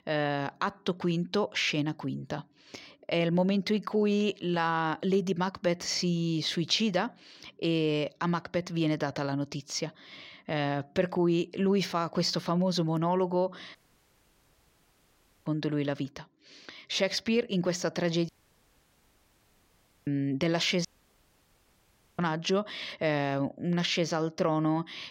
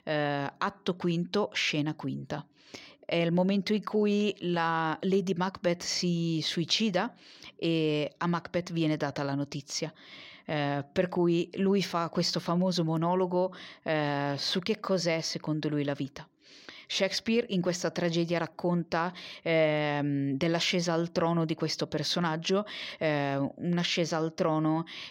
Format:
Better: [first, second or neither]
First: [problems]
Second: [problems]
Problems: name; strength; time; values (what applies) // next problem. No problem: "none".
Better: second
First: audio cutting out; at 14 s for 1.5 s, at 18 s for 2 s and at 21 s for 1.5 s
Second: none